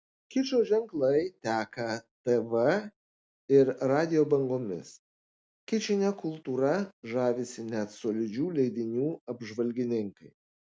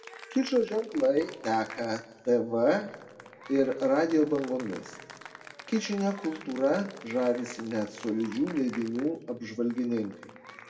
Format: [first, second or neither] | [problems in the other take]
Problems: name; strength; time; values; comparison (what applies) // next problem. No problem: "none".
first | background sound (Applause / Cheering); 18 dB below the speech // room echo; dies away in 1.3 s